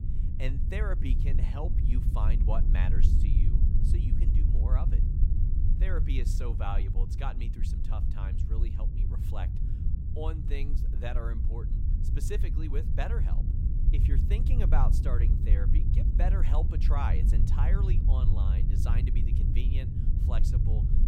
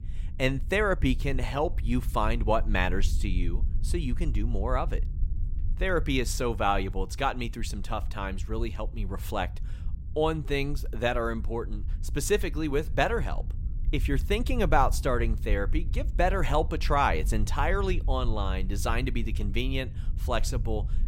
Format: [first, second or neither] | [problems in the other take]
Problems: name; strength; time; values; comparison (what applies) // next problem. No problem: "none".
second | low rumble; loud; throughout; 4 dB below the speech; faint in the second